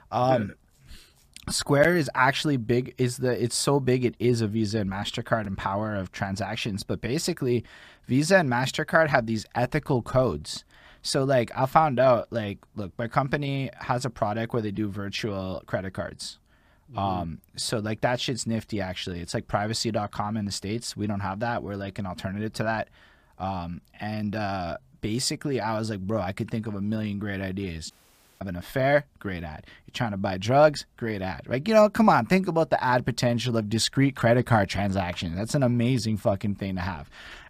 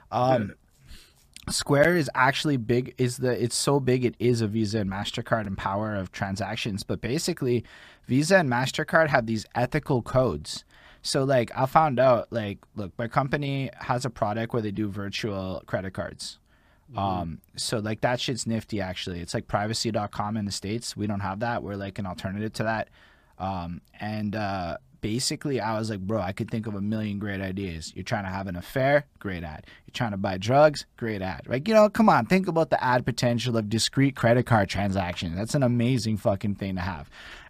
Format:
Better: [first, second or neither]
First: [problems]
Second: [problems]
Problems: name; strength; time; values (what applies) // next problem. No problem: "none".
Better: second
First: audio cutting out; at 28 s for 0.5 s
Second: none